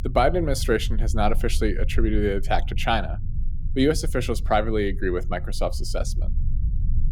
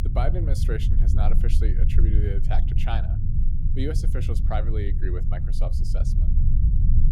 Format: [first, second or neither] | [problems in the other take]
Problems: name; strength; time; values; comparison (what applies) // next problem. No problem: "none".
first | low rumble; loud; throughout; 5 dB below the speech; faint in the first